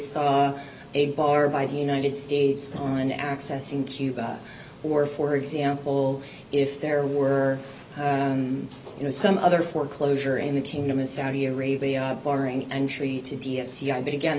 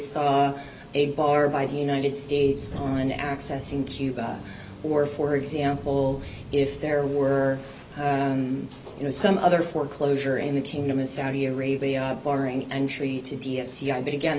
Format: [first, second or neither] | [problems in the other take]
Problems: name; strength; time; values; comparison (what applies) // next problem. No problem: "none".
first | background sound (Electric guitar / Strum + Thunder); 19 dB below the speech